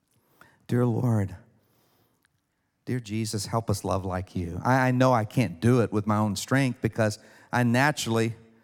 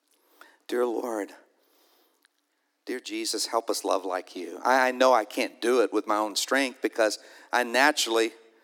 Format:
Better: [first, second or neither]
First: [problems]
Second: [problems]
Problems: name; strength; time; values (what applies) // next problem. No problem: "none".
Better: first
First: none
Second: thin; somewhat; fading below 300 Hz